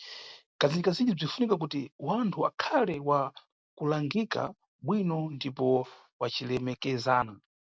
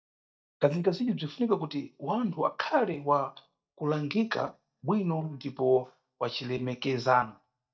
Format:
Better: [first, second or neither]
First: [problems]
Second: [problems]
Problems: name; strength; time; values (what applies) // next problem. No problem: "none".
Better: first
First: none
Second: noise reduction (neural mask model DeepFilterNet 3)